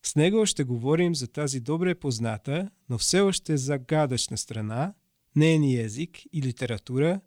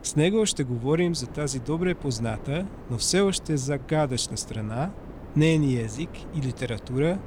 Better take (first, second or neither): first